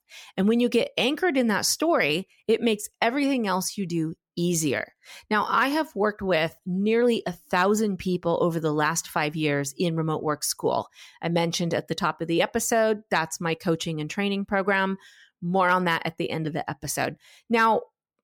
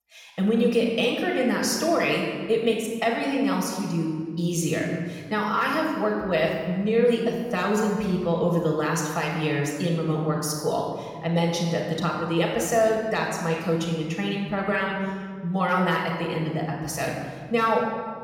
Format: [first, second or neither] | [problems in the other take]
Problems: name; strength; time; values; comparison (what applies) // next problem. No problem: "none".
first | room echo; noticeable; dies away in 1.7 s // off-mic speech; far